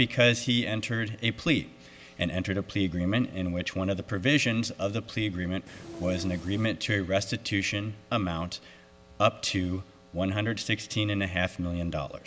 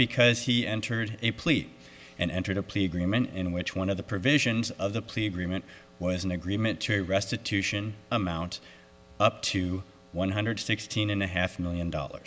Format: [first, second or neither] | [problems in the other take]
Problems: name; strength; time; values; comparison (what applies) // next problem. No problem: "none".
second | background sound (Train); 13 dB below the speech